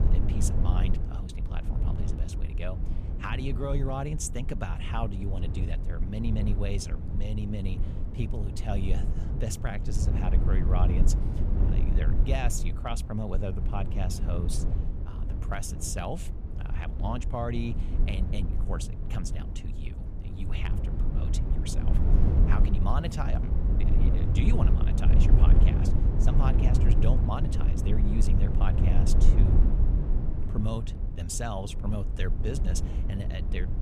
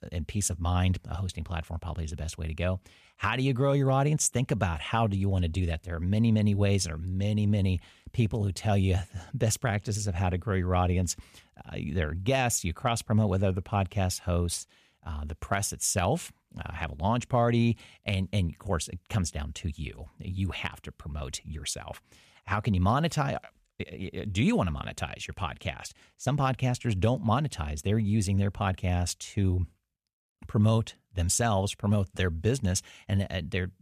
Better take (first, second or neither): second